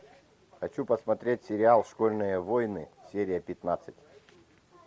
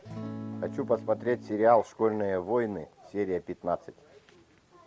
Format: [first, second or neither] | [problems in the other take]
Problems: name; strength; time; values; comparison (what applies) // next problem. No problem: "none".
first | background sound (Acoustic guitar / Strum); 11 dB below the speech